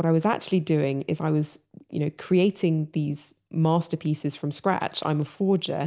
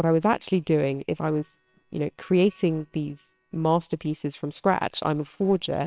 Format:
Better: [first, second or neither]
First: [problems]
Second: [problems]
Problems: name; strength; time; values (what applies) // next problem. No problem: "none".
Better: first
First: none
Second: noise reduction (neural separator model SepFormer WHAMR!)